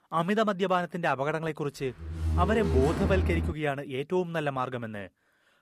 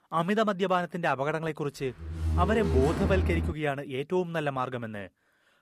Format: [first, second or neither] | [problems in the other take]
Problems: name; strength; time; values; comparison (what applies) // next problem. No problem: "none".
neither | door banging; loud; from 2 to 3.5 s; peak level with the speech; the same in both